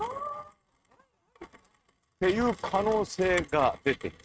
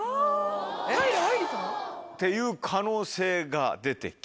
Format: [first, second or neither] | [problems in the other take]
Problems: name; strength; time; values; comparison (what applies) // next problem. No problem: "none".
second | noise reduction (neural mask model RNNoise)